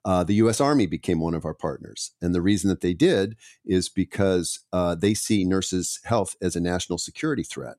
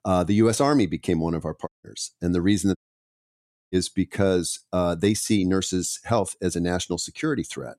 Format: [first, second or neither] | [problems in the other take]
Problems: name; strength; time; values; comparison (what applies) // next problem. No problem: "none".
first | audio cutting out; at 1.5 s and at 3 s for 1 s